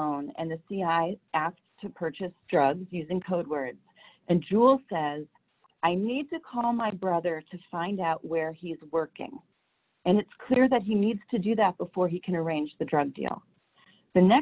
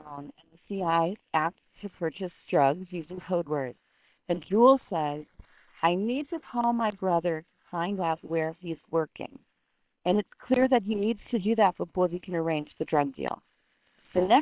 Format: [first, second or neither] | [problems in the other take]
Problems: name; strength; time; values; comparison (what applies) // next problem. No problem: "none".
first | noise reduction (neural separator model SepFormer WHAM!)